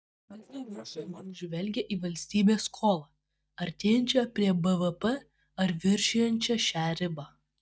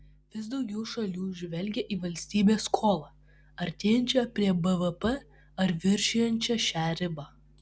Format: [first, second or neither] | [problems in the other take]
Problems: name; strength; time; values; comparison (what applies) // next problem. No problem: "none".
second | noise reduction (neural mask model DeepFilterNet 3)